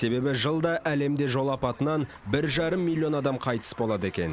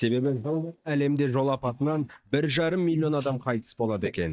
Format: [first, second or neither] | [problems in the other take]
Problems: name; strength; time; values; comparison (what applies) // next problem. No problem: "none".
first | noise reduction (neural mask model DeepFilterNet 3)